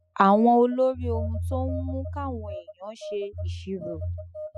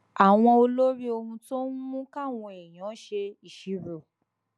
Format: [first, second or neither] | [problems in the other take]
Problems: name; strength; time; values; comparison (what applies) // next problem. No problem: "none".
second | noise reduction (classical method spectral subtraction)